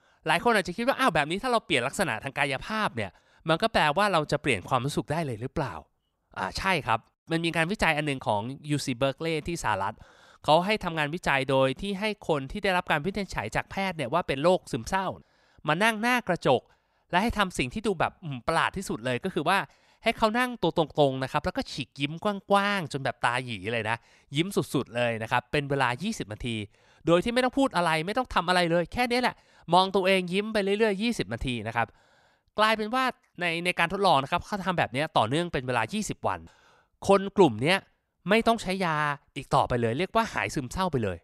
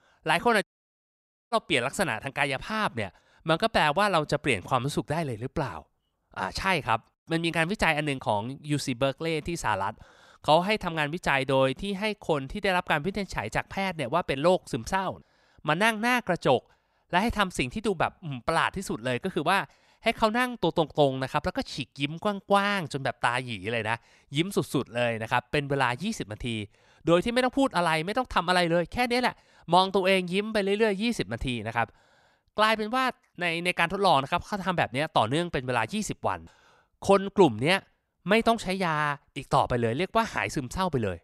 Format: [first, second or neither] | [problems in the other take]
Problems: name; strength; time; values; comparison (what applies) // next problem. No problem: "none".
first | audio cutting out; at 0.5 s for 1 s